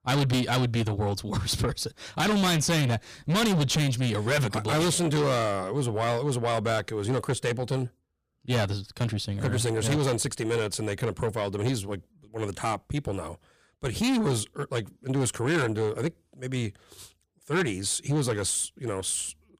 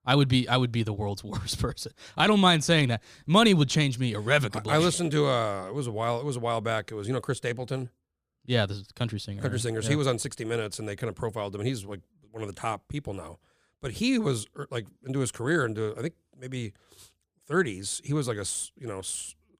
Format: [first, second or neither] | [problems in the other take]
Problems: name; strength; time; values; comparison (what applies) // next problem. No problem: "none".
second | distortion; heavy; 6 dB below the speech